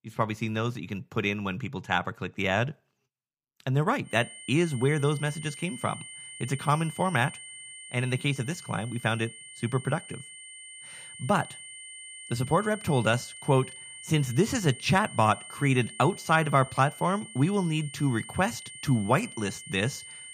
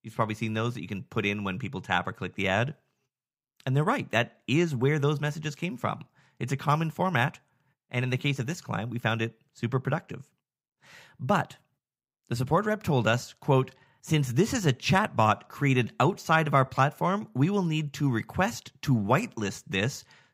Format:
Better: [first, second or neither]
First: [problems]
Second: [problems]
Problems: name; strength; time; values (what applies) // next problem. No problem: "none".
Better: second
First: high-pitched whine; noticeable; from 4 s on; 8.5 kHz, 15 dB below the speech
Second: none